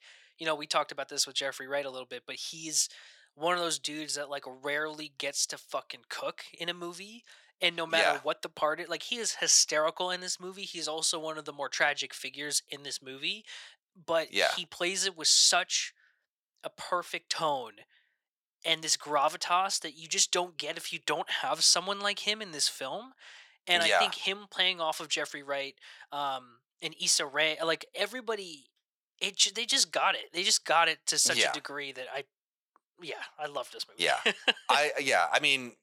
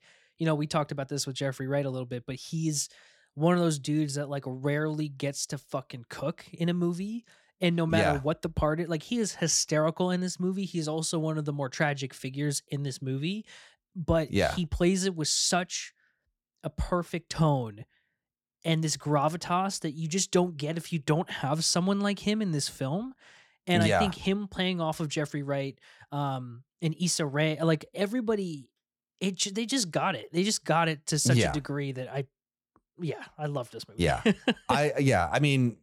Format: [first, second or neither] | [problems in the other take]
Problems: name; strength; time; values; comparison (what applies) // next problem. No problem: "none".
second | thin; very; fading below 700 Hz